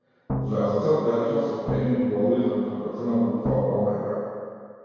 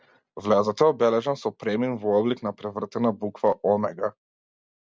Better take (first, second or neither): second